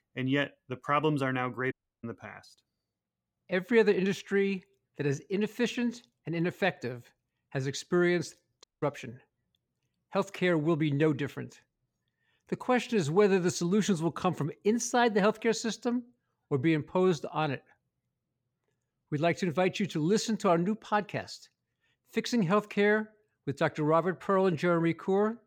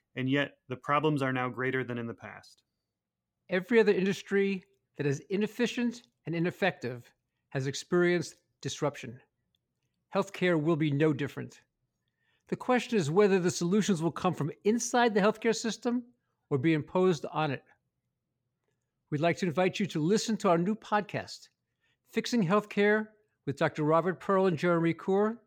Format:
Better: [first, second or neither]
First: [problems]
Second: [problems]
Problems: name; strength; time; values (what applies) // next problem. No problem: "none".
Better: second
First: audio cutting out; at 1.5 s and at 8.5 s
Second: none